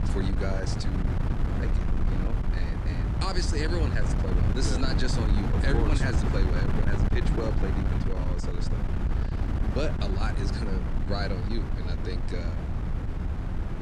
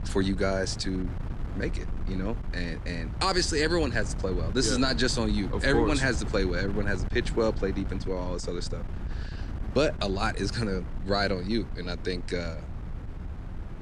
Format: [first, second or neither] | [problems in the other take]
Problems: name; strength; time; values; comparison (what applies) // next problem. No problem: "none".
second | wind noise on the microphone; heavy; 2 dB below the speech; occasional gusts in the second